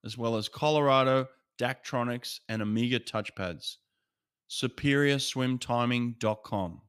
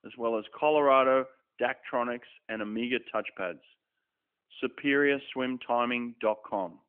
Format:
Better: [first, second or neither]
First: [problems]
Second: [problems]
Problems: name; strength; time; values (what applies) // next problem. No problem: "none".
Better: first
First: none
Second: phone-call audio; nothing above 3 kHz